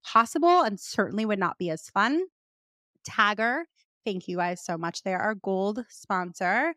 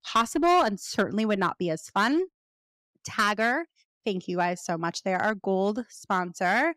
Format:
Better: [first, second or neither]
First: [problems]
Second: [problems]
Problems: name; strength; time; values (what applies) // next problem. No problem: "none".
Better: first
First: none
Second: distortion; slight; 4% of the sound clipped